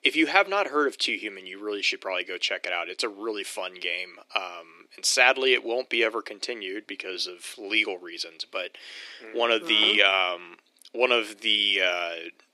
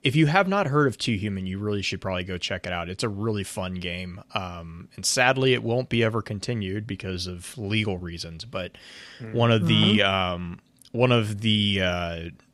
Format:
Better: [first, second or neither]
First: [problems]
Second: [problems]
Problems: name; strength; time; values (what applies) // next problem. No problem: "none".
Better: second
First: thin; very; fading below 300 Hz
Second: none